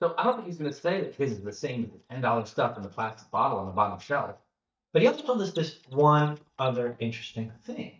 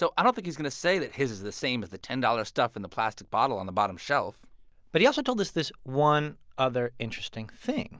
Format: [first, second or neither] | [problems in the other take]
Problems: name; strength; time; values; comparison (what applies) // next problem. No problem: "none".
second | noise reduction (neural mask model DeepFilterNet 3)